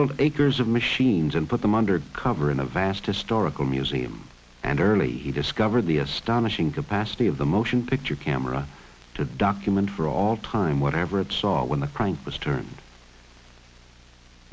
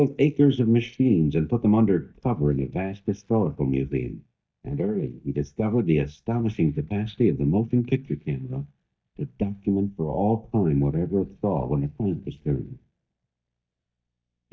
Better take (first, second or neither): first